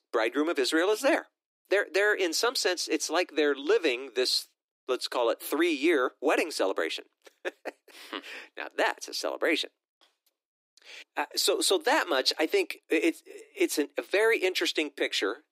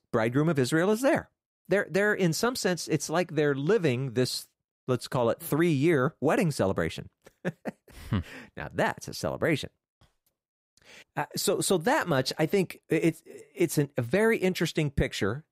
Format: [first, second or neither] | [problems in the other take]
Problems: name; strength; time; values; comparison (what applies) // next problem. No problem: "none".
second | thin; somewhat; fading below 300 Hz